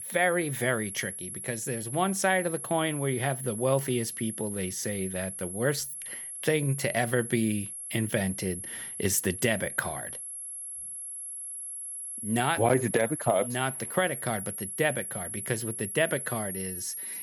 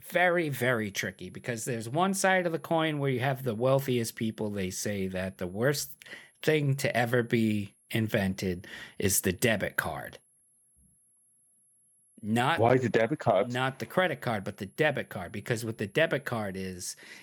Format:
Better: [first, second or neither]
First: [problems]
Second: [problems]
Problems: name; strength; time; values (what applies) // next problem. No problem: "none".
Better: second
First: high-pitched whine; loud; throughout; 11 kHz, 6 dB below the speech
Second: high-pitched whine; faint; throughout; 11 kHz, 35 dB below the speech